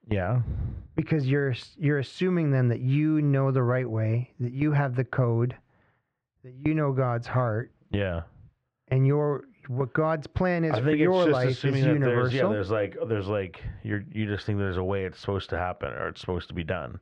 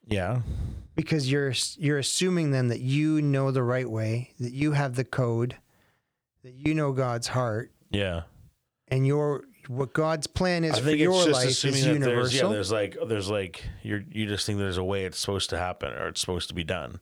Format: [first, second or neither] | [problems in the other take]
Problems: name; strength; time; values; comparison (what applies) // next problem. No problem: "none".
second | muffled; very; fading above 1.5 kHz